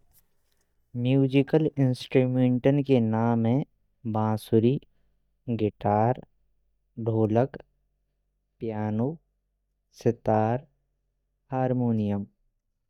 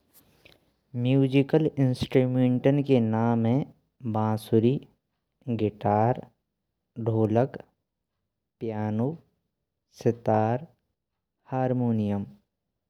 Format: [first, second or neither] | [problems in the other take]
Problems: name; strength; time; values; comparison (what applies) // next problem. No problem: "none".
second | noise reduction (neural mask model DeepFilterNet 3)